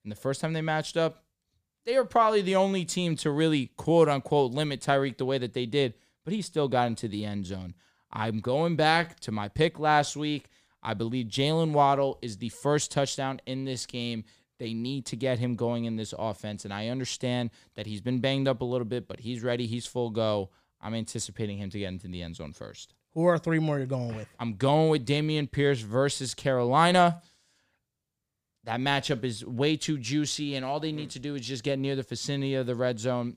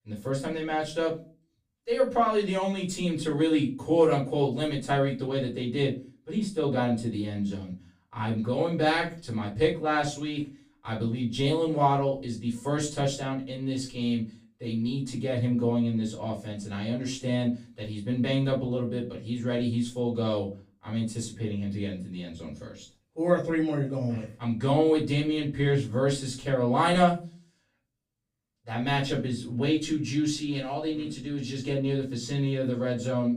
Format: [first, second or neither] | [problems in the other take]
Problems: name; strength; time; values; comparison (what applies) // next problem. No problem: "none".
first | off-mic speech; far // room echo; slight; dies away in 0.3 s